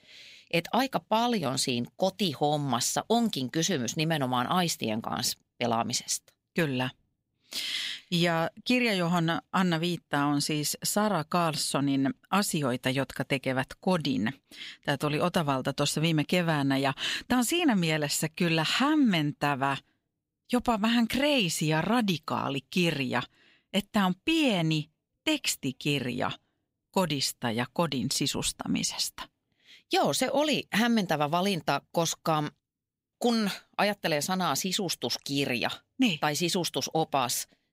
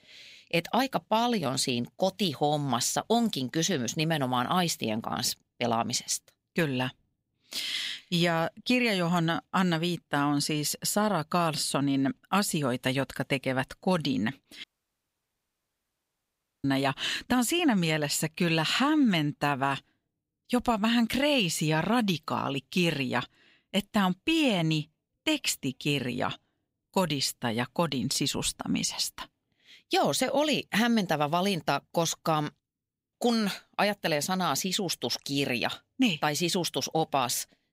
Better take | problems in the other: first | audio cutting out; at 15 s for 2 s

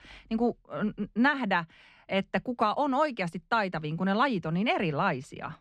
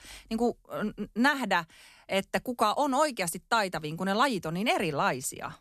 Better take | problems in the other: second | muffled; slightly; fading above 2.5 kHz

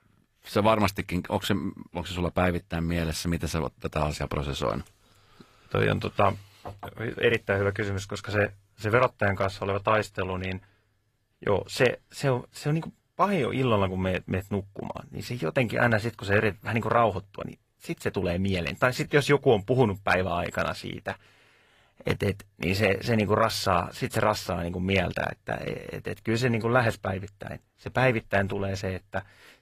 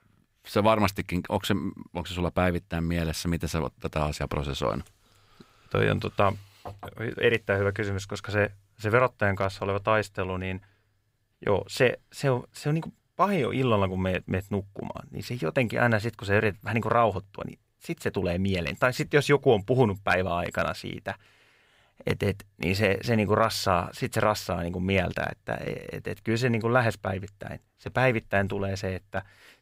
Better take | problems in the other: second | garbled, watery; slightly; nothing above 14.5 kHz

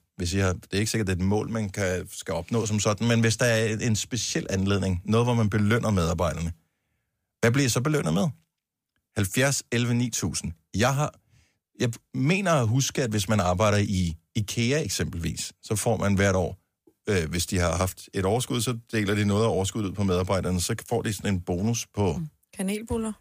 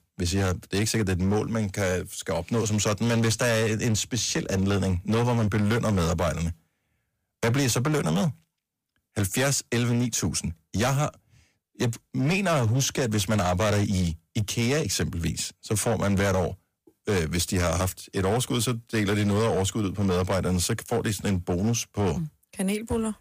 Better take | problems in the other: first | distortion; slight; 13% of the sound clipped

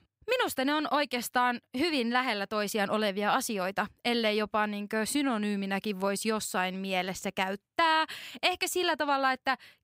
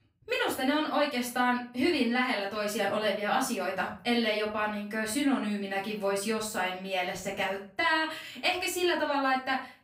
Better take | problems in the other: first | room echo; slight; dies away in 0.4 s // off-mic speech; far

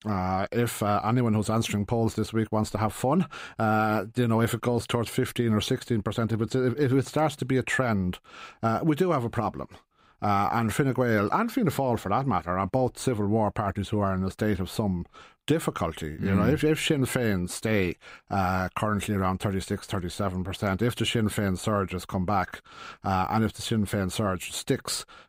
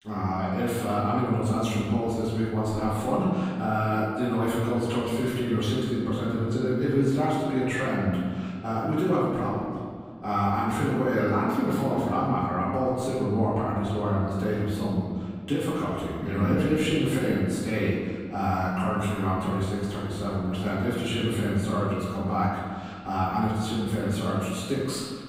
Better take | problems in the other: first | off-mic speech; far // room echo; strong; dies away in 1.8 s

